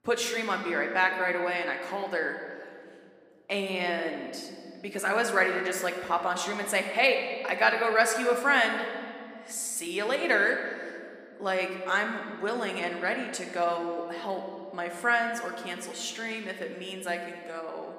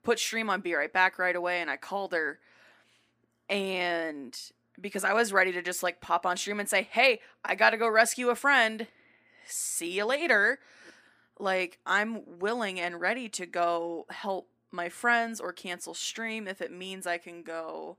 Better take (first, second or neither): second